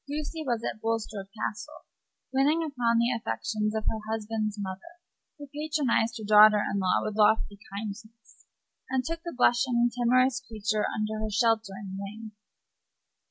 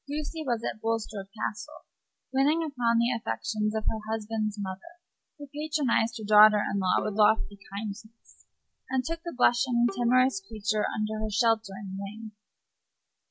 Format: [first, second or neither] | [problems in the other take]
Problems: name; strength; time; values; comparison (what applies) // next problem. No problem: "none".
first | background sound (Bowed string instrument); 18 dB below the speech